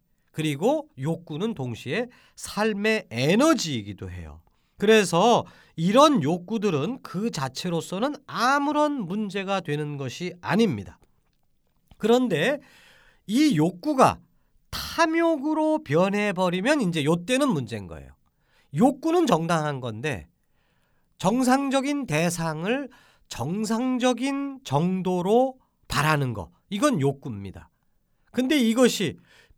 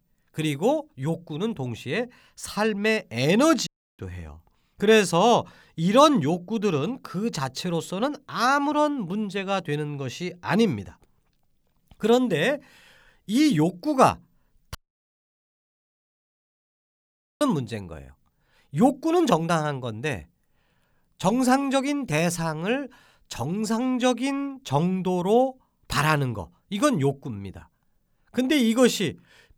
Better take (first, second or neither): first